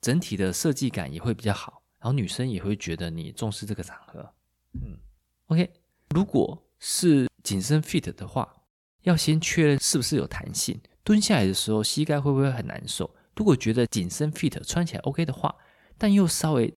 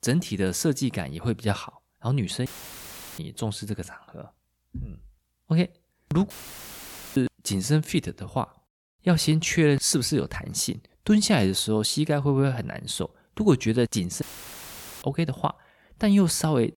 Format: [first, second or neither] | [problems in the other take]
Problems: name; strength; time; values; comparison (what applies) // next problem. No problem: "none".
first | audio cutting out; filled with static; at 2.5 s for 0.5 s, at 6.5 s for 1 s and at 14 s for 1 s